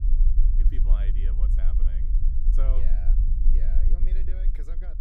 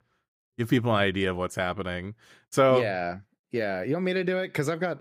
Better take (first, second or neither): second